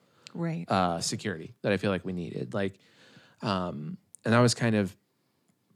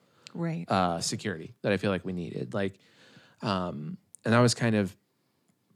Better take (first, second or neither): neither